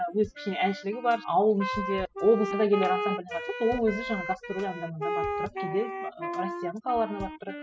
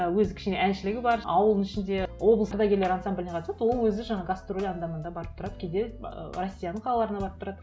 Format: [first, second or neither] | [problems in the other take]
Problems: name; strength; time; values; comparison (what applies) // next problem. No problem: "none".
second | noise reduction (classical method spectral subtraction)